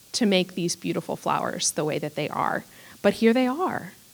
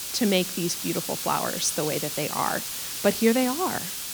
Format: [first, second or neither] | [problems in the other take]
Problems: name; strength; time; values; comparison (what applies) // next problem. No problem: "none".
first | hiss; loud; throughout; 3 dB below the speech; faint in the first